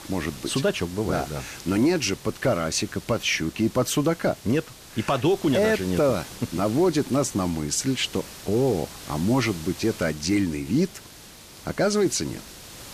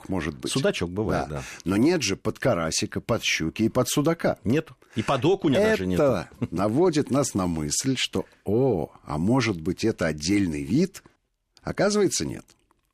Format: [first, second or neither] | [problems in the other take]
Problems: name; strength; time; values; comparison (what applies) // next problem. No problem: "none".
second | hiss; noticeable; throughout; 15 dB below the speech